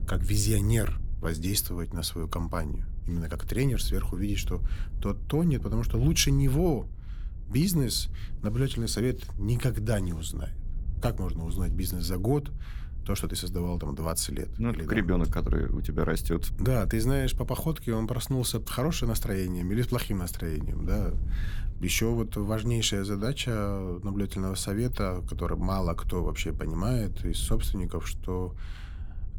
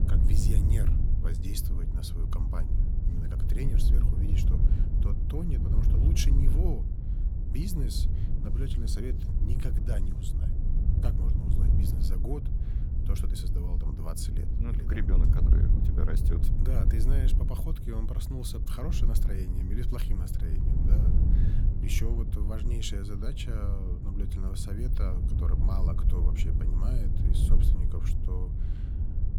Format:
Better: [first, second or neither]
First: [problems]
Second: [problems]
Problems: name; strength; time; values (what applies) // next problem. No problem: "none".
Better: first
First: wind noise on the microphone; occasional gusts; 20 dB below the speech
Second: wind noise on the microphone; heavy; 2 dB below the speech